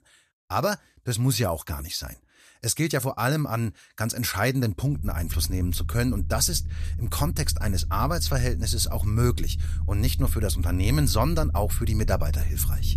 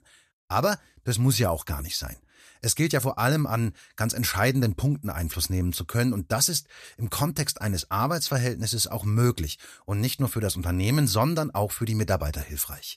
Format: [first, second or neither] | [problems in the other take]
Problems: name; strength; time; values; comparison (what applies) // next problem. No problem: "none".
second | low rumble; noticeable; from 5 s on; 20 dB below the speech